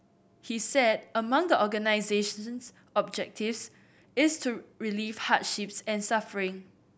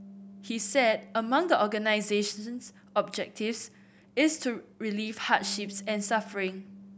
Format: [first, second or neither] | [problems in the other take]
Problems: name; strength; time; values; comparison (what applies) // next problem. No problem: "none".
first | background sound (Bass guitar); 19 dB below the speech